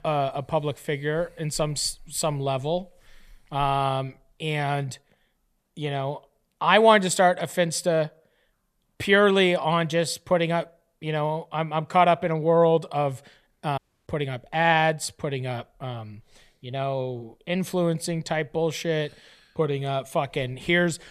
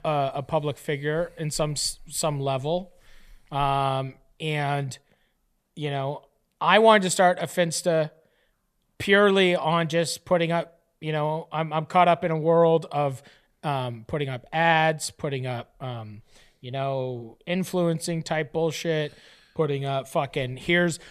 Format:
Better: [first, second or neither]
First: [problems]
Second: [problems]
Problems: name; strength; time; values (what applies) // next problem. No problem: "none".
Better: second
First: audio cutting out; at 14 s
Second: none